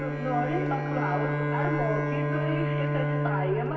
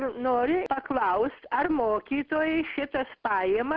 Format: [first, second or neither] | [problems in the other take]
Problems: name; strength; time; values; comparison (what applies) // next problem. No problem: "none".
second | background sound (Bowed string instrument); 3 dB above the speech // room echo; dies away in 2.2 s